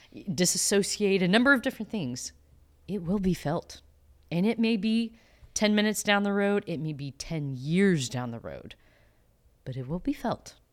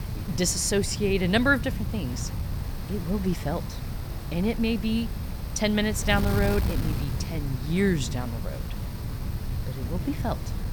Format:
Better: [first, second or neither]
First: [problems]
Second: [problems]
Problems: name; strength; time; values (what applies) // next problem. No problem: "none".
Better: first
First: none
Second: wind noise on the microphone; occasional gusts; 10 dB below the speech